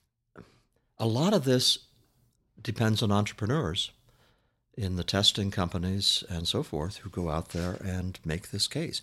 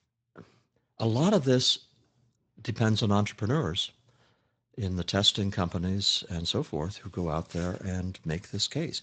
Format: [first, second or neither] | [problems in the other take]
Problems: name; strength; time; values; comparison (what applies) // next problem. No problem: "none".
first | garbled, watery; slightly; nothing above 7.5 kHz